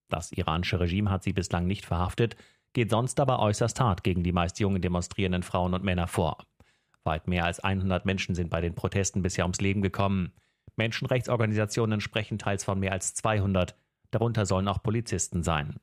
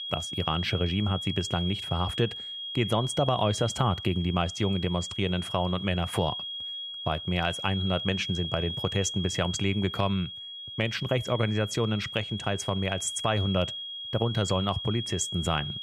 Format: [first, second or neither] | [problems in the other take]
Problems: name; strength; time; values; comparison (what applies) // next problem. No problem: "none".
first | high-pitched whine; loud; throughout; 3.5 kHz, 6 dB below the speech